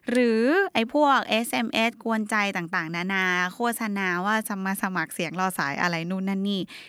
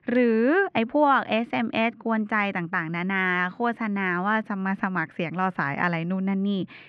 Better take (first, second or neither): first